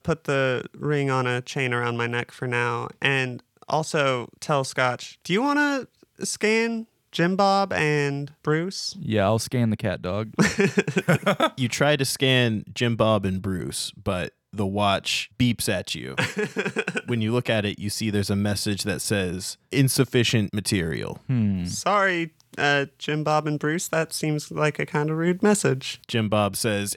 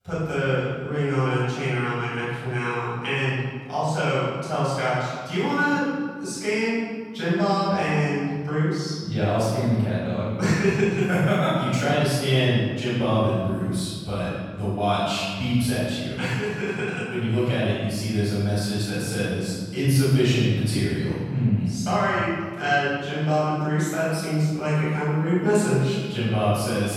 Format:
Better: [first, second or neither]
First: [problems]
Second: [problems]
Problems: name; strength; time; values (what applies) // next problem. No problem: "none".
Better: first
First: none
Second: room echo; strong; dies away in 1.9 s // off-mic speech; far